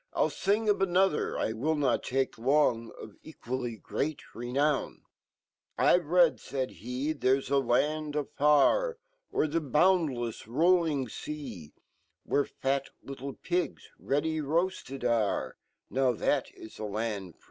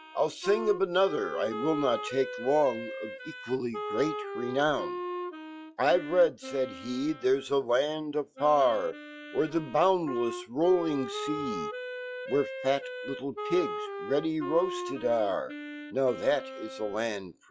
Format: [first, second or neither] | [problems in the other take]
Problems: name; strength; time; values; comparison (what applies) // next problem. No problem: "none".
first | noise reduction (classical method log-MMSE)